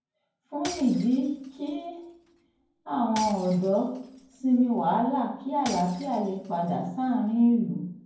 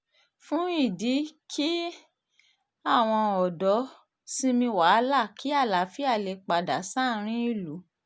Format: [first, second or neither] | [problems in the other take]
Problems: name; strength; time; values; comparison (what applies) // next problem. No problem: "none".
second | background sound (Shatter / Crushing); 19 dB below the speech // room echo; dies away in 0.9 s